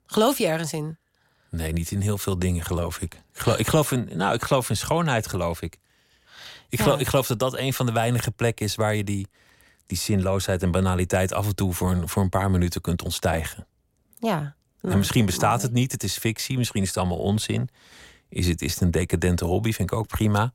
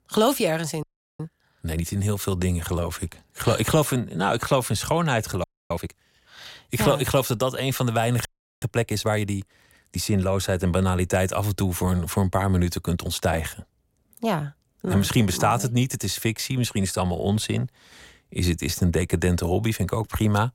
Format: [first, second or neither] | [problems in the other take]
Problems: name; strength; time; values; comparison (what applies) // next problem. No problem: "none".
first | audio freezing; at 1 s, at 5.5 s and at 8.5 s